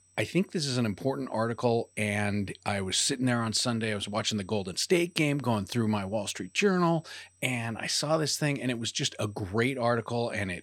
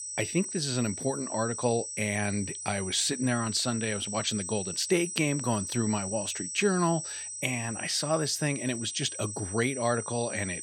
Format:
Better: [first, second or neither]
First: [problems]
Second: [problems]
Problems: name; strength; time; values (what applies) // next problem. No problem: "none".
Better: first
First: high-pitched whine; faint; throughout; 8 kHz, 35 dB below the speech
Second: high-pitched whine; loud; throughout; 8 kHz, 6 dB below the speech